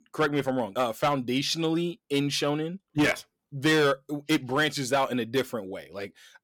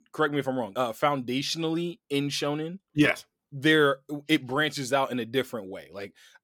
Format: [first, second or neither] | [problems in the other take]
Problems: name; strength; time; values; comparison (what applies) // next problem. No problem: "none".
second | distortion; slight; 4% of the sound clipped